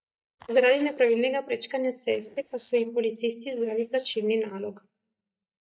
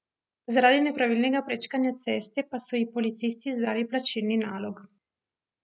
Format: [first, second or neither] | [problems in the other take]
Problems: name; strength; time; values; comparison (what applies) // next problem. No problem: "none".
second | noise reduction (neural mask model DeepFilterNet 3)